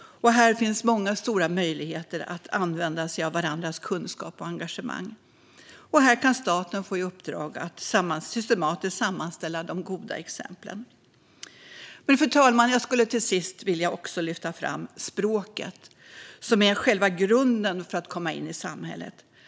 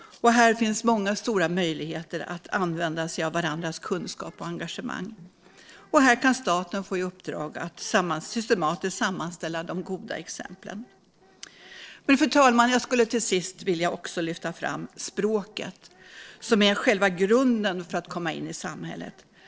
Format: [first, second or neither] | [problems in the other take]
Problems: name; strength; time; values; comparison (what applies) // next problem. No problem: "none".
first | noise reduction (neural separator model SepFormer DNS4)